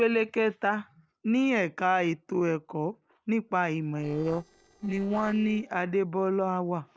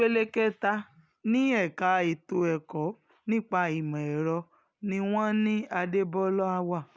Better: second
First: noise reduction (neural separator model SepFormer DNS4)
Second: none

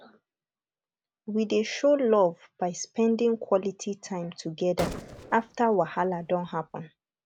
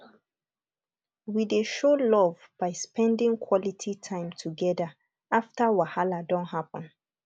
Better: second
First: background sound (Gunshot, gunfire); 13 dB below the speech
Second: none

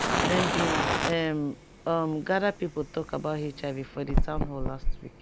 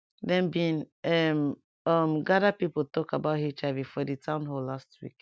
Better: second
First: background sound (Fire); 1 dB above the speech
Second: none

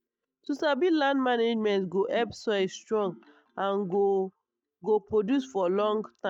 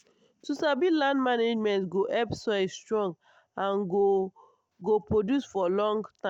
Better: second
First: noise reduction (neural mask model DeepFilterNet 3)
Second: none

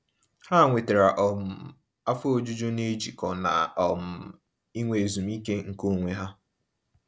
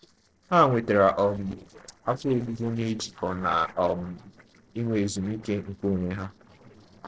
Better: first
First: none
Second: noise reduction (neural separator model SepFormer DNS4)

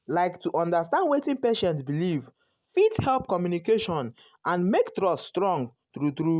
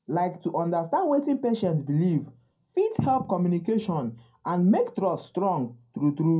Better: first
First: none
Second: room echo; dies away in 0.2 s

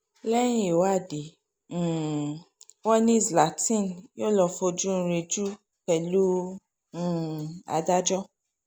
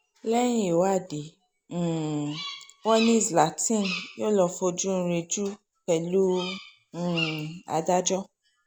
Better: first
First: none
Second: background sound (Bird vocalization, bird call, bird song); 14 dB below the speech

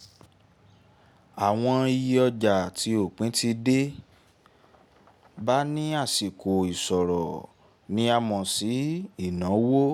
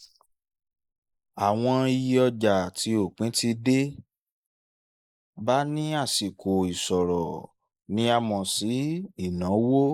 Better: first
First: none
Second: noise reduction (neural mask model Resemble Enhance denoiser)

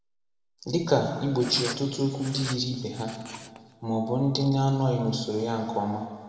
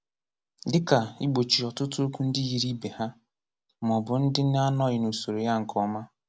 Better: second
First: background sound (Writing); 14 dB below the speech // room echo; dies away in 2 s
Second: none

